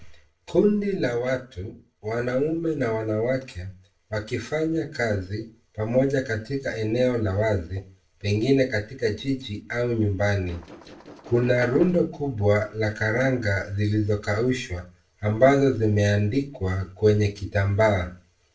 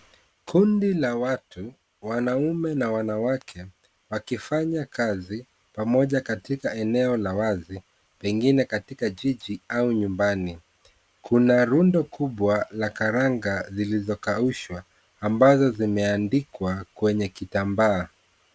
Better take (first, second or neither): second